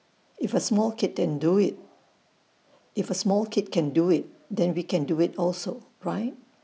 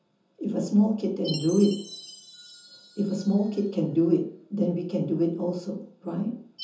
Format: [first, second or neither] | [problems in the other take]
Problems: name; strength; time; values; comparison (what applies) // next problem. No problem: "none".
first | background sound (Chime); 19 dB below the speech // room echo; dies away in 0.6 s